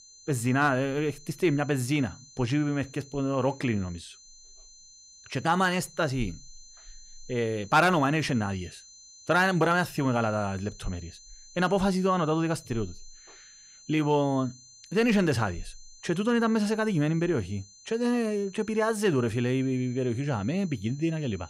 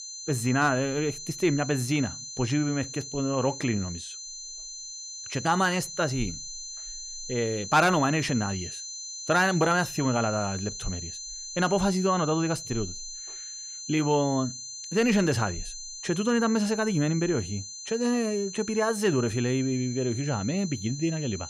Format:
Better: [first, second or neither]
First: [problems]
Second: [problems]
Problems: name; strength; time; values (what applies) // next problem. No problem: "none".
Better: first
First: high-pitched whine; faint; throughout; 6 kHz, 20 dB below the speech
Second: high-pitched whine; loud; throughout; 6 kHz, 9 dB below the speech